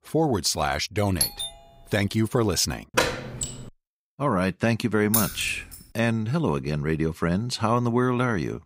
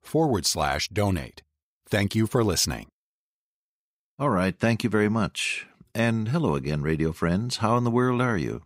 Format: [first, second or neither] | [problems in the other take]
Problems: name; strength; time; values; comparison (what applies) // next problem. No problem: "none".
second | doorbell; noticeable; at 1 s; peak level with the speech // door banging; loud; at 3 s; peak level with the speech // jangling keys; loud; at 5 s; peak level with the speech